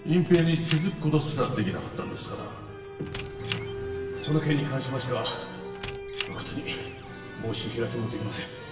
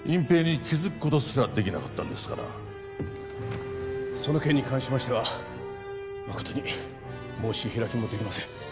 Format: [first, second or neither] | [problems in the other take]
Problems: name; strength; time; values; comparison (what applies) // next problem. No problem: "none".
second | background sound (Squeak); 15 dB below the speech // room echo; dies away in 1.1 s